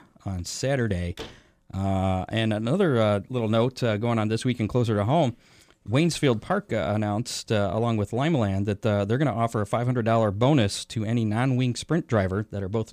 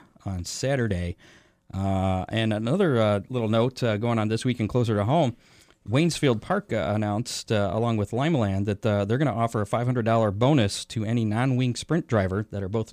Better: second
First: door banging; faint; at 1 s; peak 15 dB below the speech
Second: none

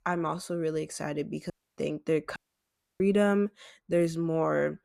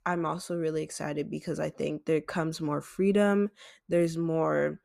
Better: second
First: audio cutting out; at 1.5 s and at 2.5 s for 0.5 s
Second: none

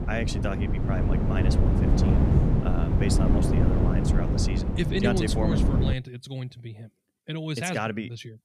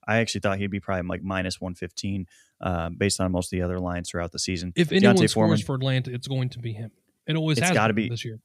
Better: second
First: wind noise on the microphone; heavy; until 6 s; as loud as the speech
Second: none

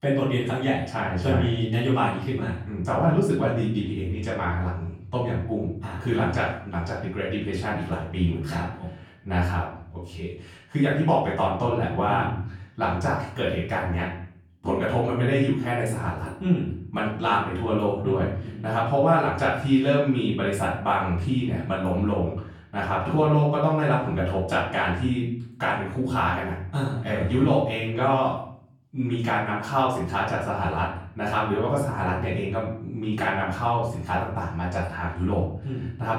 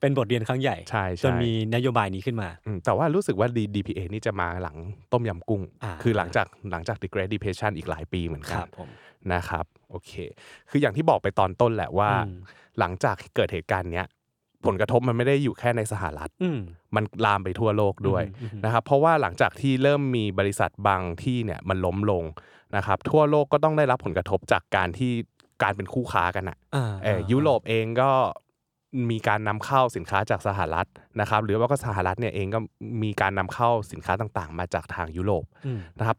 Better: second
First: off-mic speech; far // room echo; noticeable; dies away in 0.6 s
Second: none

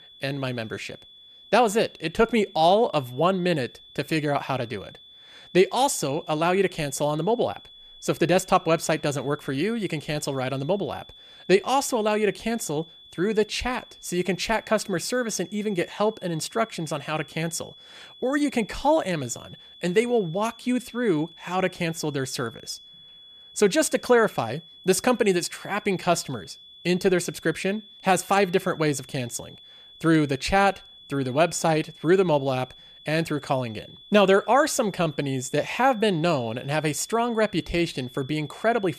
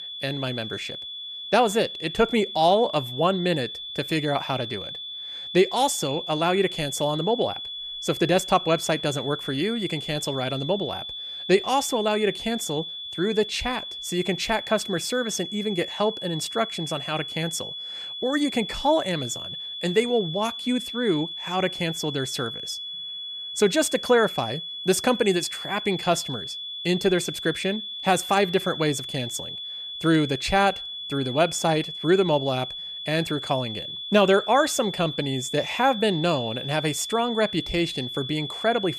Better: first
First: high-pitched whine; faint; throughout; 3.5 kHz, 20 dB below the speech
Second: high-pitched whine; loud; throughout; 3.5 kHz, 7 dB below the speech

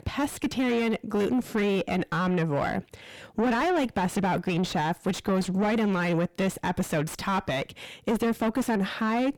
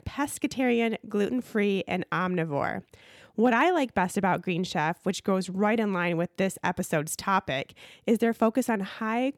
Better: second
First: distortion; heavy; 6 dB below the speech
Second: none

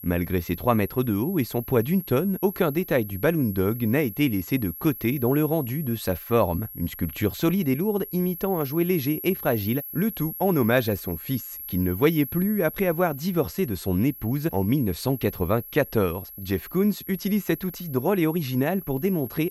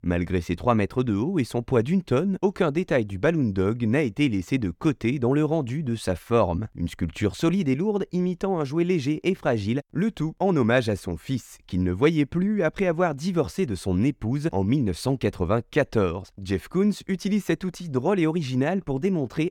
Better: second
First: high-pitched whine; noticeable; throughout; 11.5 kHz, 10 dB below the speech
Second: none

